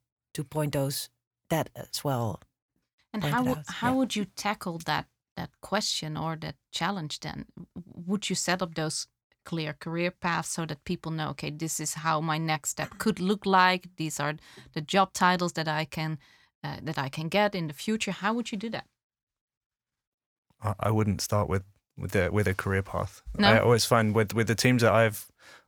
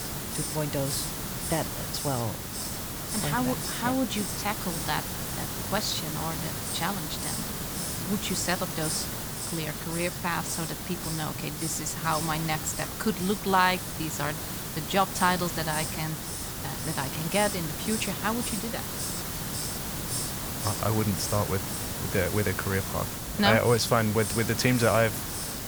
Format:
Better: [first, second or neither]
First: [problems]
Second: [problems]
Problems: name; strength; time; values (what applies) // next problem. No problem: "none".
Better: first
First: none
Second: hiss; loud; throughout; 3 dB below the speech